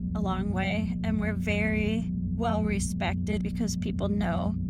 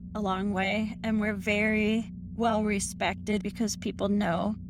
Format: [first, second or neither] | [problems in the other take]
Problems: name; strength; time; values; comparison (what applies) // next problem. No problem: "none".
second | low rumble; loud; throughout; 8 dB below the speech; faint in the second